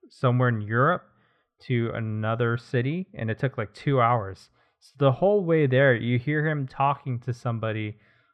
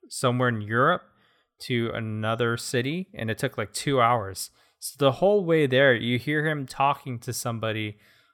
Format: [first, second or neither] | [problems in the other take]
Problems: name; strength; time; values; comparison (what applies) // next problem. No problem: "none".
second | muffled; very; fading above 2.5 kHz